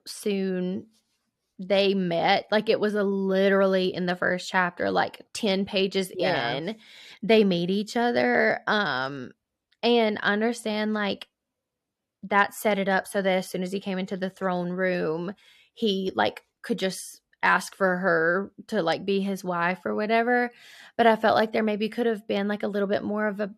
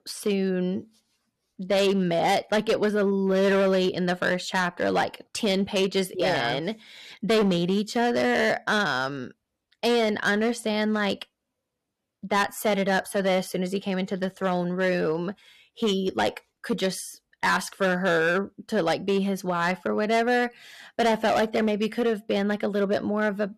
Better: first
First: none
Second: distortion; slight; 8% of the sound clipped

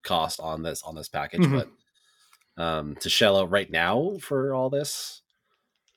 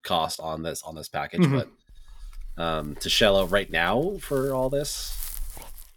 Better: first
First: none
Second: dog barking; noticeable; from 2 s on; peak 9 dB below the speech

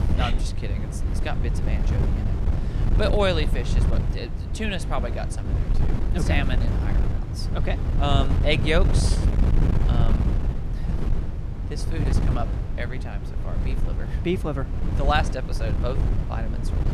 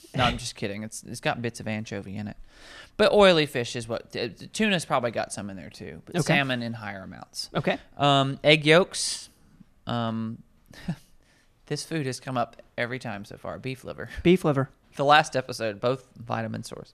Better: second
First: wind noise on the microphone; heavy; 7 dB below the speech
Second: none

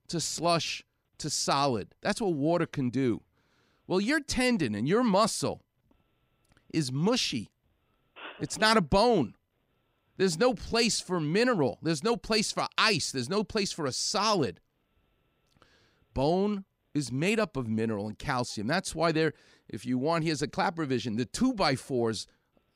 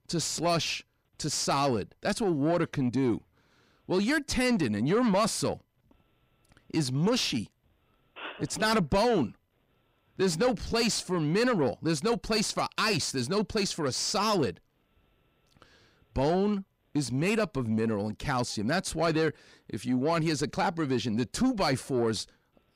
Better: first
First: none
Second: distortion; slight; 10 dB below the speech

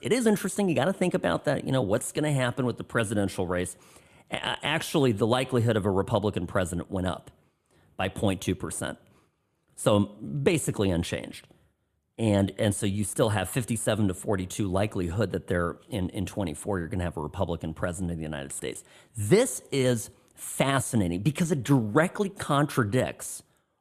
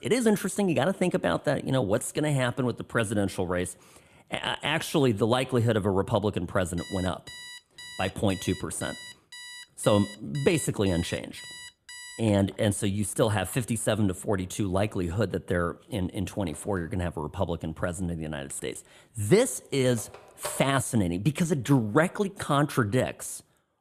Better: first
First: none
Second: alarm; faint; from 7 to 13 s; peak 15 dB below the speech // phone ringing; faint; from 17 to 21 s; peak 10 dB below the speech

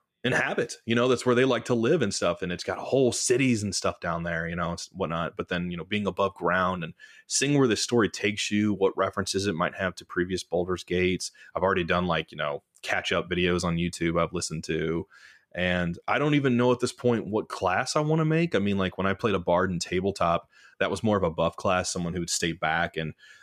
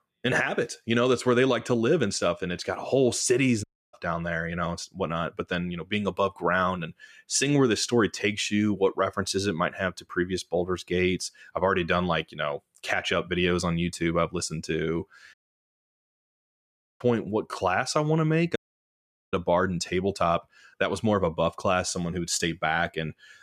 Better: first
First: none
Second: audio cutting out; at 3.5 s, at 15 s for 1.5 s and at 19 s for 1 s

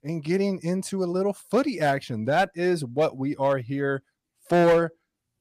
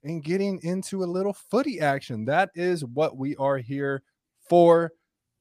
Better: second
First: distortion; slight; 3% of the sound clipped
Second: none

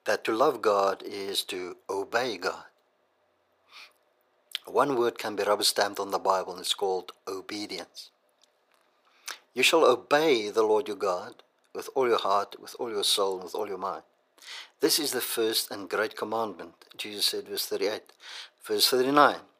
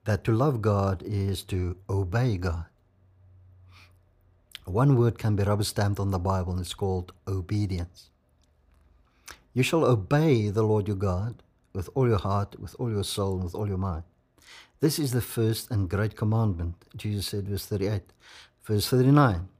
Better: second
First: thin; very; fading below 450 Hz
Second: none

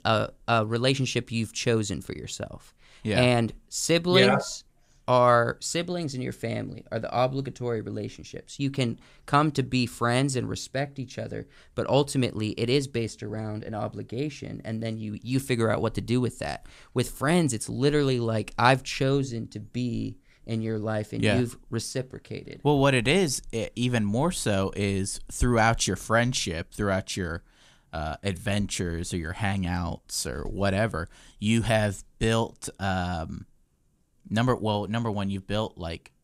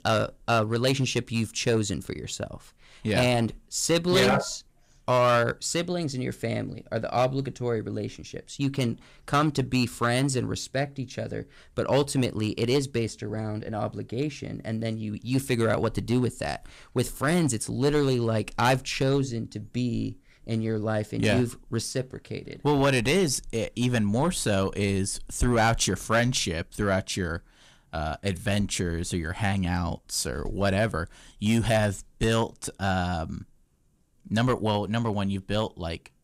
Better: first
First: none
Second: distortion; slight; 3% of the sound clipped

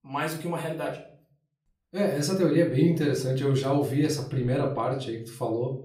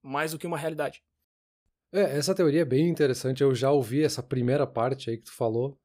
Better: second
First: room echo; slight; dies away in 0.4 s // off-mic speech; somewhat distant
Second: none

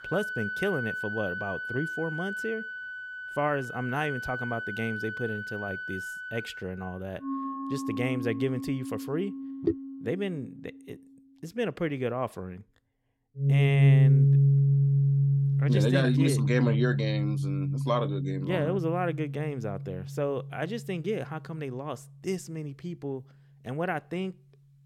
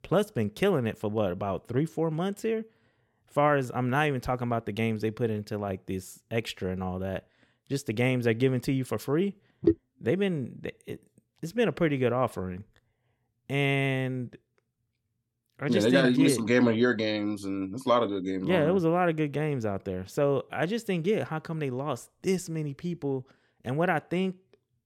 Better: second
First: background music; very loud; throughout; 4 dB above the speech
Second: none

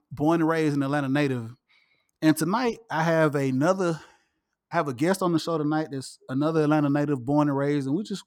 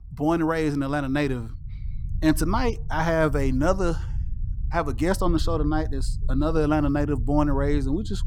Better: first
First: none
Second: low rumble; faint; throughout; 25 dB below the speech

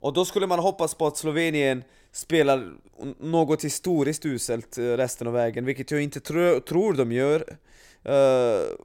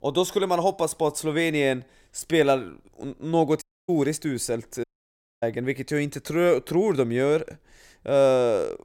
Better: first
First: none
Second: audio cutting out; at 3.5 s and at 5 s for 0.5 s

